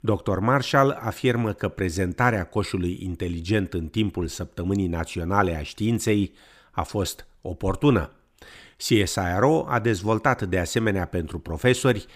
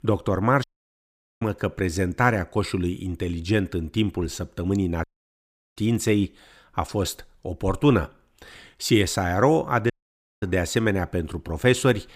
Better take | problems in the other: first | audio cutting out; at 0.5 s for 1 s, at 5 s for 0.5 s and at 10 s for 0.5 s

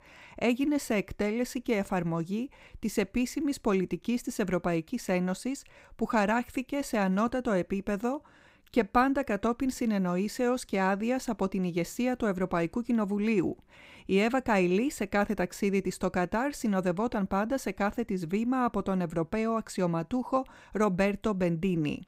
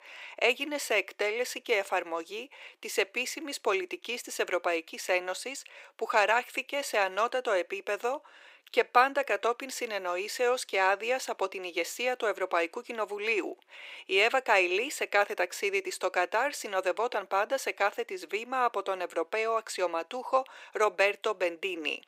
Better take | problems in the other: first | thin; very; fading below 400 Hz

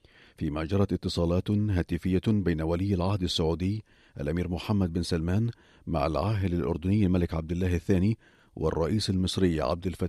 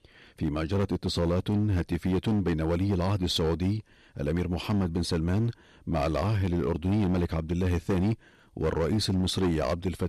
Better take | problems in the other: first | distortion; slight; 15% of the sound clipped

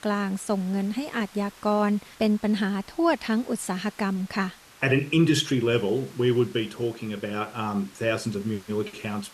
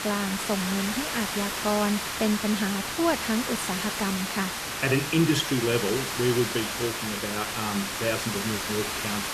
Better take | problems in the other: first | hiss; loud; throughout; 1 dB below the speech; faint in the first

